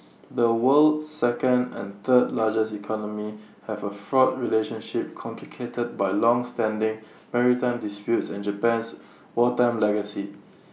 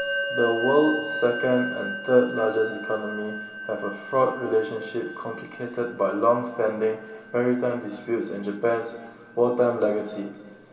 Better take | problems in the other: first | background sound (Musical instrument); 10 dB below the speech // room echo; dies away in 2.3 s

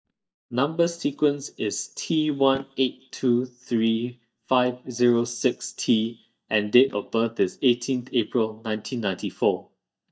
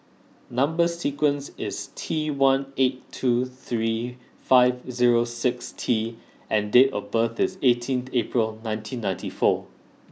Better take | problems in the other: second | noise reduction (neural mask model DeepFilterNet 3)

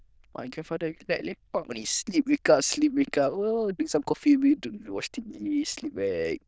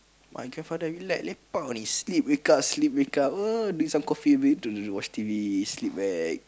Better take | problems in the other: second | noise reduction (neural diffusion model UNIVERSE++)

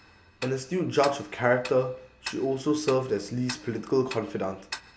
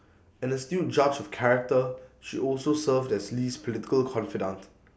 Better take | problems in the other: second | background sound (Tick-tock); 15 dB below the speech

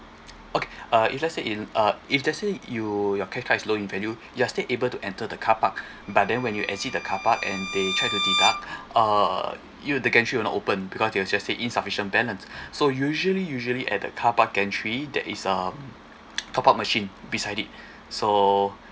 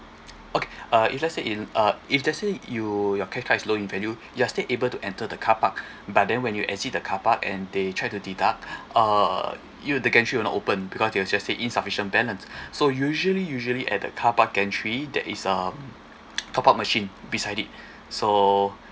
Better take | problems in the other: second | background sound (Bowed string instrument); 5 dB below the speech

